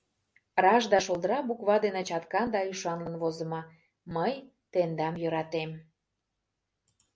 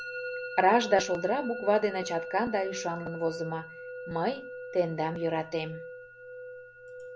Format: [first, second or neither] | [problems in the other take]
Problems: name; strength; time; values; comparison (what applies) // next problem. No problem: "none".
first | background sound (Musical instrument); 10 dB below the speech